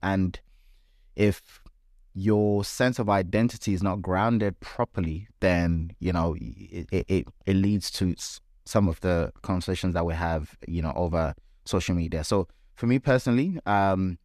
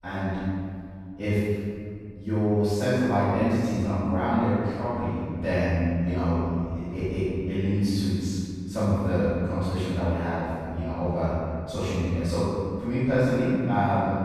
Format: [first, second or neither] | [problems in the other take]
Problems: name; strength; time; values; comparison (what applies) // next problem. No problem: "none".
first | room echo; strong; dies away in 2.2 s // off-mic speech; far